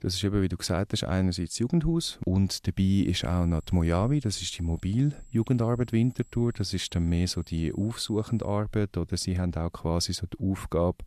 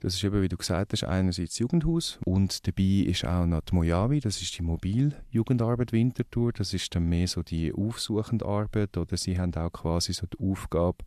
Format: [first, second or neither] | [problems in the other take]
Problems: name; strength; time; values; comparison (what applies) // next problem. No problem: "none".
second | high-pitched whine; faint; from 3 to 8.5 s; 7.5 kHz, 30 dB below the speech